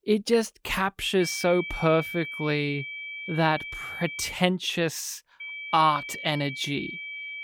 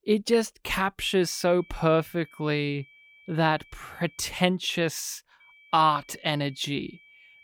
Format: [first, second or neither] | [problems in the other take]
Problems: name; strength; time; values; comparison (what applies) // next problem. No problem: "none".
second | high-pitched whine; loud; from 1 to 4.5 s and from 5.5 s on; 2.5 kHz, 8 dB below the speech; faint in the second